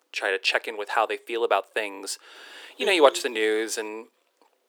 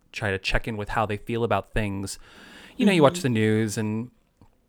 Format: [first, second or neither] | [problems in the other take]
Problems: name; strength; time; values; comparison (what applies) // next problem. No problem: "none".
second | thin; very; fading below 350 Hz